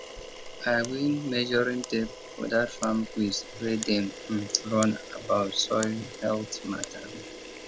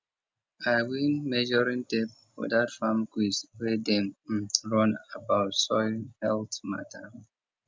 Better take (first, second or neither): second